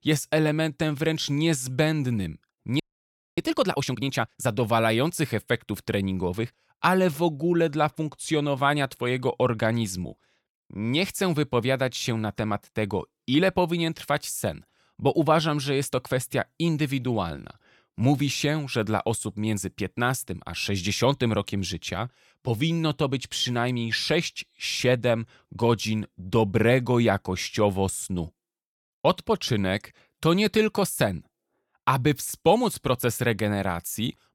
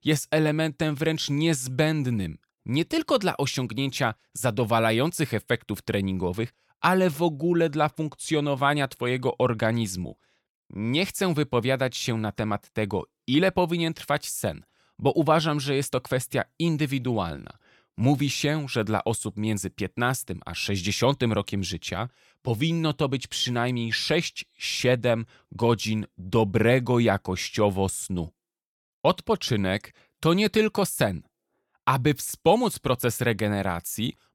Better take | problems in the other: second | audio freezing; at 3 s for 0.5 s

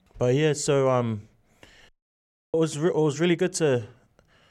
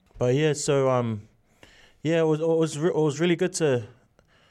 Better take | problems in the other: second | audio cutting out; at 2 s for 0.5 s

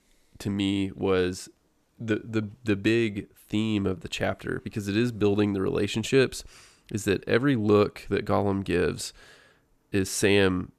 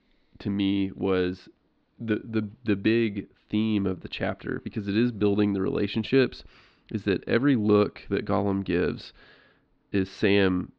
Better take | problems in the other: first | muffled; very slightly; fading above 4.5 kHz

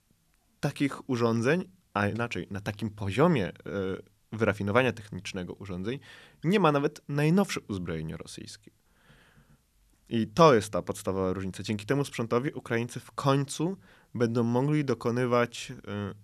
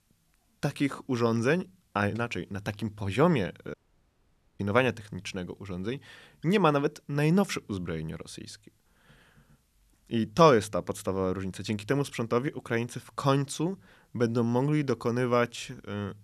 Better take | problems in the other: first | audio cutting out; at 3.5 s for 1 s

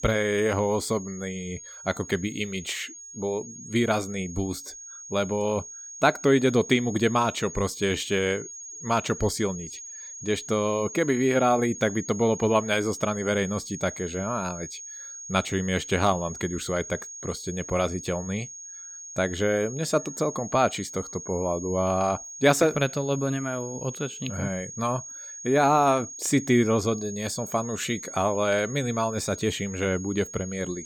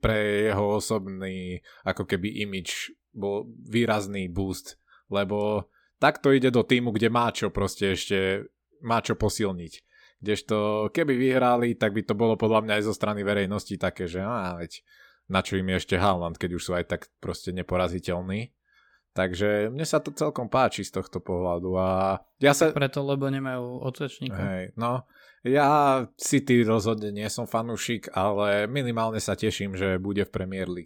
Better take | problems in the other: second | high-pitched whine; noticeable; throughout; 6.5 kHz, 10 dB below the speech

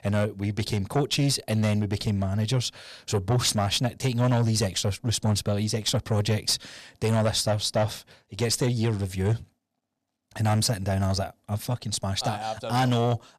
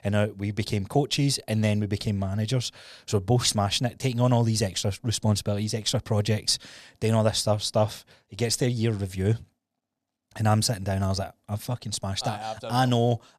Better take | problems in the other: second | distortion; slight; 10 dB below the speech

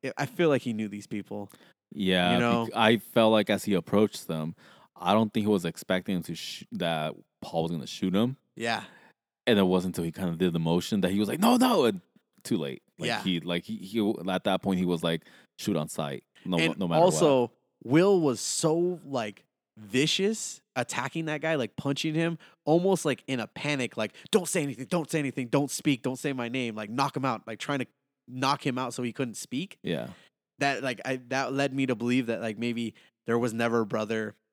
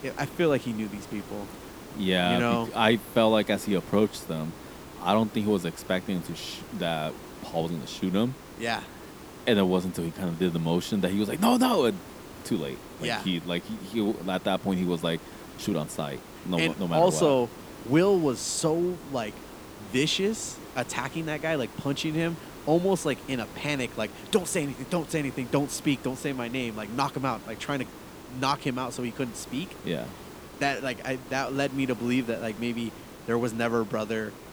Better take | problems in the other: first | hiss; noticeable; throughout; 15 dB below the speech

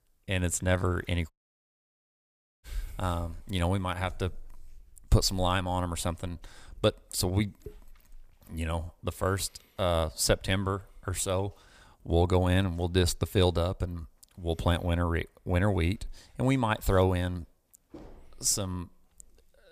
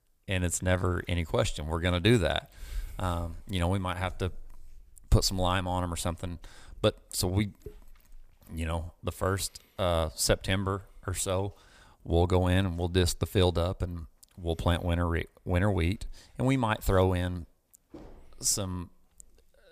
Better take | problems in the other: second | audio cutting out; at 1.5 s for 1.5 s

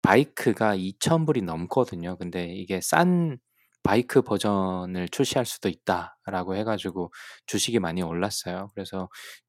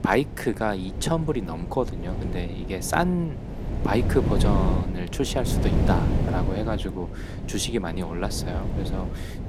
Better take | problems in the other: first | wind noise on the microphone; heavy; 7 dB below the speech

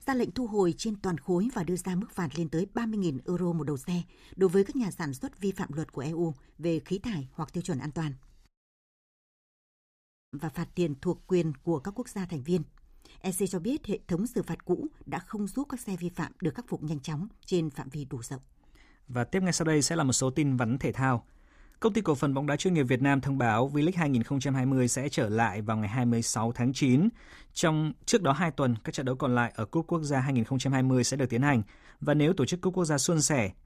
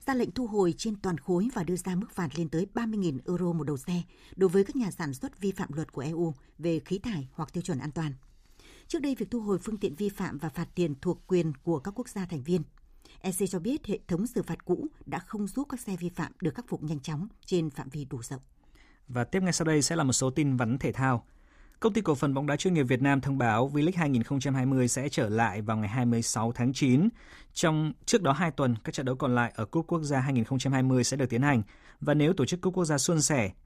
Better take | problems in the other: second | audio cutting out; at 8.5 s for 2 s

